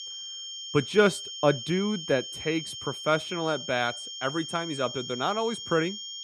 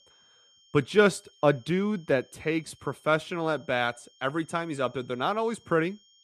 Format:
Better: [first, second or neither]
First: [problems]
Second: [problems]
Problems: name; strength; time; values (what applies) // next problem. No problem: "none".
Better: second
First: high-pitched whine; loud; throughout; 3 kHz, 8 dB below the speech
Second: high-pitched whine; faint; throughout; 3 kHz, 30 dB below the speech